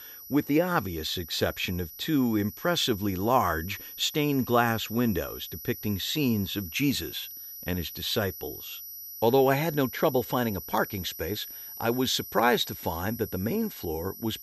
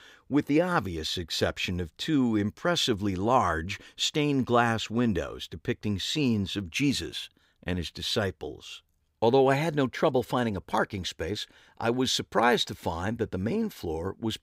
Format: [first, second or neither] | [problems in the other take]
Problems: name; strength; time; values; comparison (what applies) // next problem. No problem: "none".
second | high-pitched whine; noticeable; throughout; 12 kHz, 10 dB below the speech